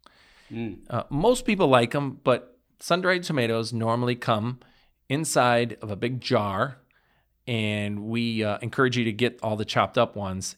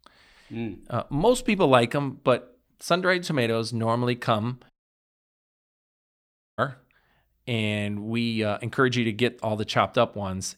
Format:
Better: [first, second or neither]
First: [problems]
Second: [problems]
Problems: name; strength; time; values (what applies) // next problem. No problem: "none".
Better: first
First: none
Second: audio cutting out; at 4.5 s for 2 s